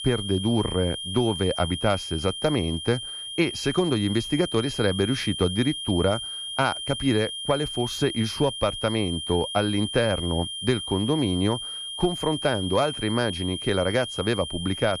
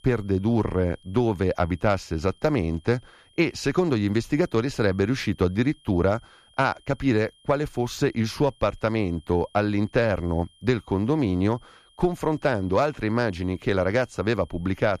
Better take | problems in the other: second | high-pitched whine; loud; throughout; 3 kHz, 6 dB below the speech; faint in the second

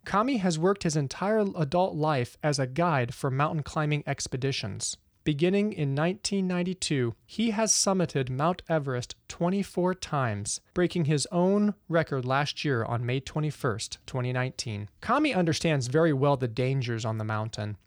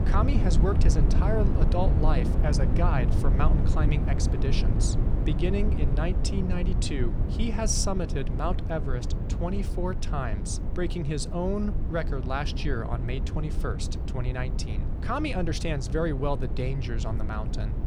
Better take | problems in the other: first | low rumble; loud; throughout; 6 dB below the speech

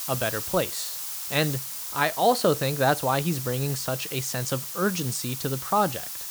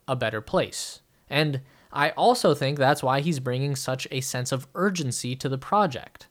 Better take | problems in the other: second | hiss; loud; throughout; 4 dB below the speech

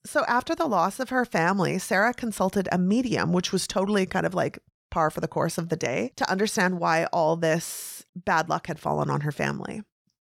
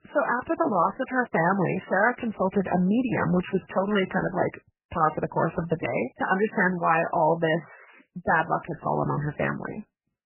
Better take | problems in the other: first | garbled, watery; badly; nothing above 3 kHz

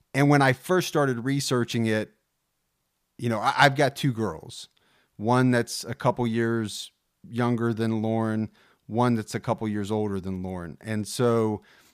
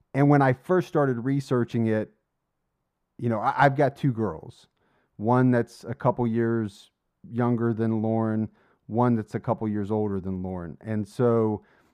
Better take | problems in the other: first | muffled; very; fading above 2 kHz

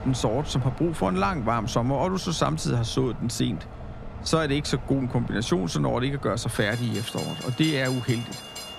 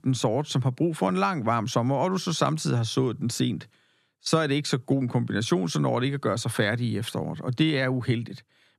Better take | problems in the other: second | train or aircraft noise; noticeable; throughout; 10 dB below the speech

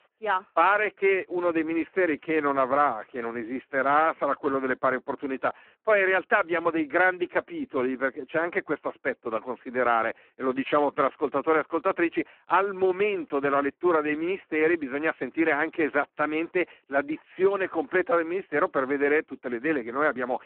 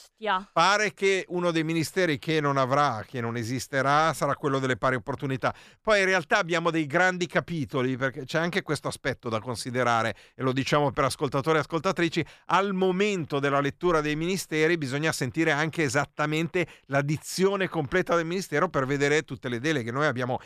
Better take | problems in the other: second | phone-call audio; poor line

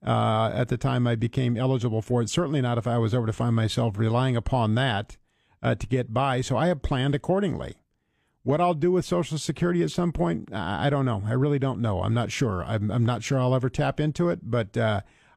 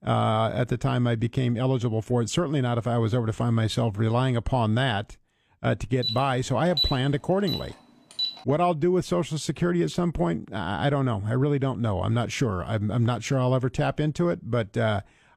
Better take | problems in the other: first | alarm; loud; from 6 to 8.5 s; peak level with the speech

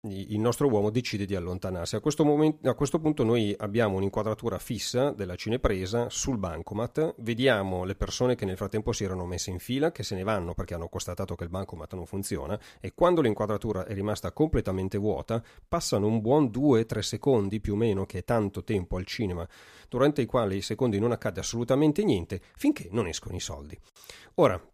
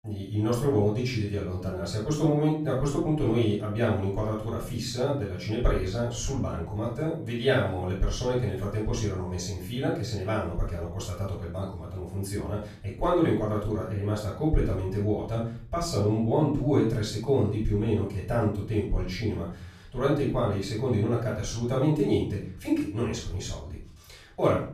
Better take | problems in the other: first | room echo; noticeable; dies away in 0.5 s // off-mic speech; far

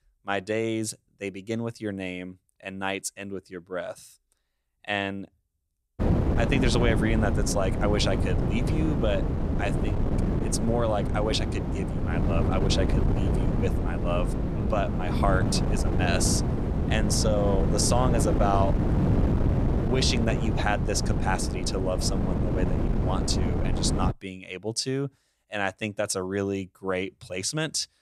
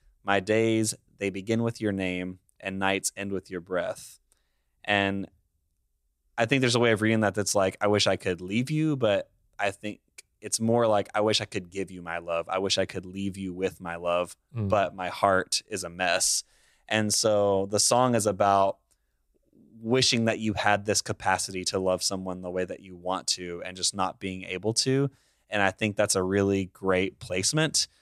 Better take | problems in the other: second | wind noise on the microphone; heavy; from 6 to 24 s; 4 dB below the speech

